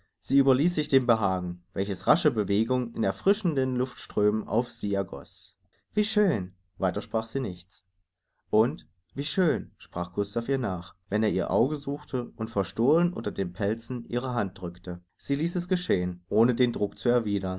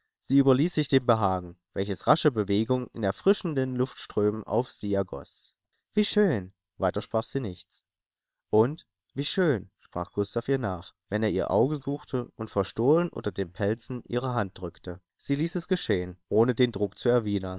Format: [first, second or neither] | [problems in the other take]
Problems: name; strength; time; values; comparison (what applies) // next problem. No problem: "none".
first | noise reduction (neural separator model SepFormer WHAM!)